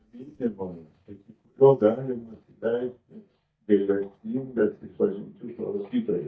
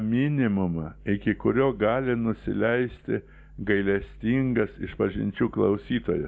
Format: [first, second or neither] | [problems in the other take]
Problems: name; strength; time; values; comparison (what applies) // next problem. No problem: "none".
second | noise reduction (neural mask model DeepFilterNet 3)